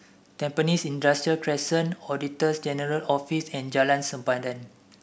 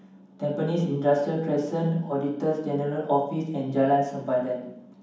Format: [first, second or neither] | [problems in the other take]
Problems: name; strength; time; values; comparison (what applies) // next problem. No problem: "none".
first | room echo; dies away in 1.2 s